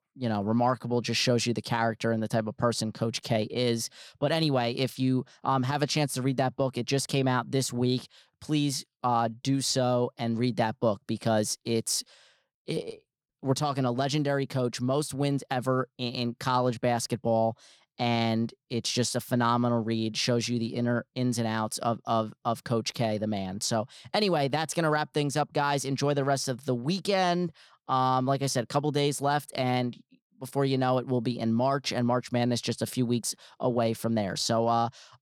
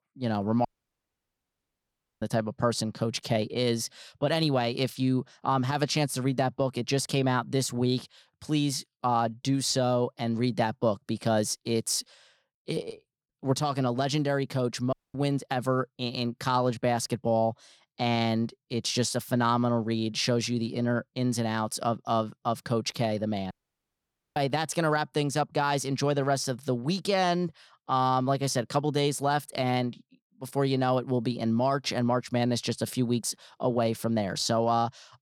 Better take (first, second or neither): first